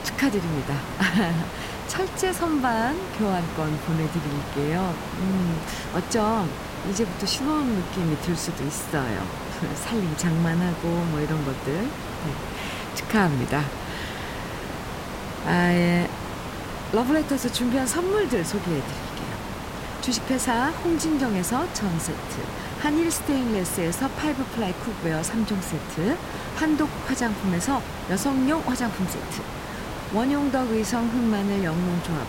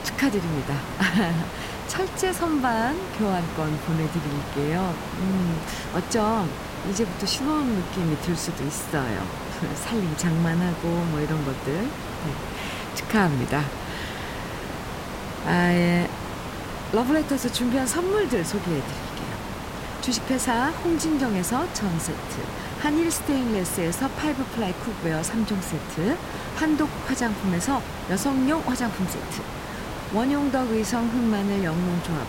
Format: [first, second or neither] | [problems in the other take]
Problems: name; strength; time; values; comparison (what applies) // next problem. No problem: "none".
neither | hiss; loud; throughout; 7 dB below the speech; the same in both